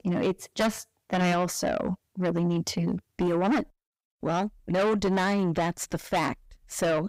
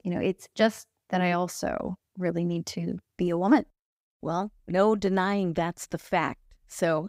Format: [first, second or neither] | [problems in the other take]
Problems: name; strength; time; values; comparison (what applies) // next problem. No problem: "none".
second | distortion; heavy; 6 dB below the speech